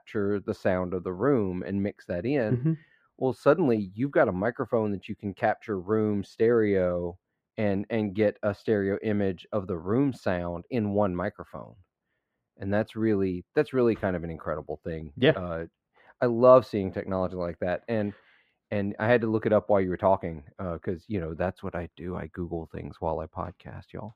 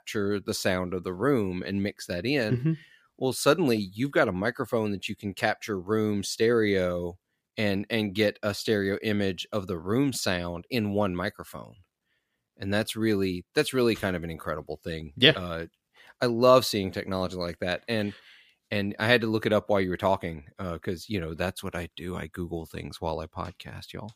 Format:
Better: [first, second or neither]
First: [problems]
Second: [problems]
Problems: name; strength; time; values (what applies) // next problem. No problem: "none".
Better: second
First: muffled; very; fading above 3 kHz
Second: none